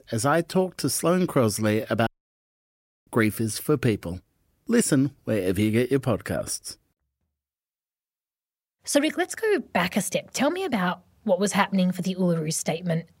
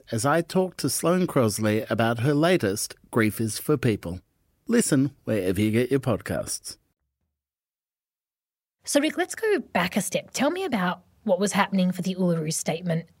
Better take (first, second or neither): second